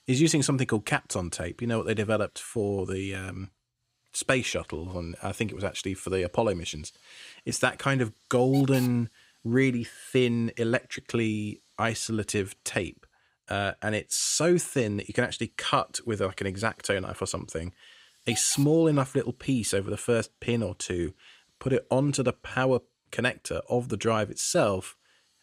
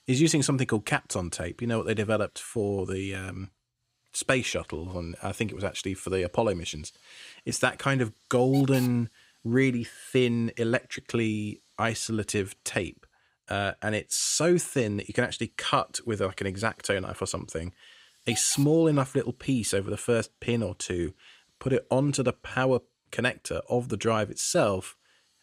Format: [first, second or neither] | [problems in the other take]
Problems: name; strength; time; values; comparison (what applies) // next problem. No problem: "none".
neither | hiss; faint; throughout; 20 dB below the speech; the same in both